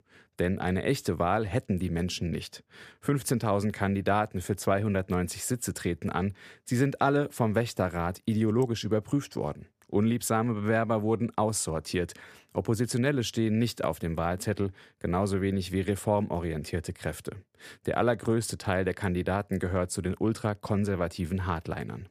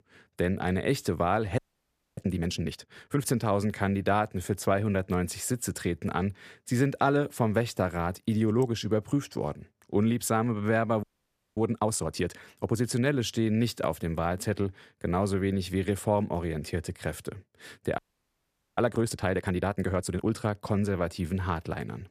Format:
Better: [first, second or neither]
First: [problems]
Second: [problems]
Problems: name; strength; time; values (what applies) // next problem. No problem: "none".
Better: first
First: none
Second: audio freezing; at 1.5 s for 0.5 s, at 11 s for 0.5 s and at 18 s for 1 s